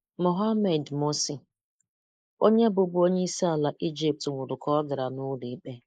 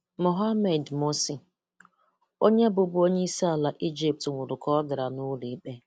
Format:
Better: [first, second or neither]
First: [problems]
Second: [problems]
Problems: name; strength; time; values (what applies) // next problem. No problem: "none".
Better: second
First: noise reduction (neural mask model Resemble Enhance denoiser)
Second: none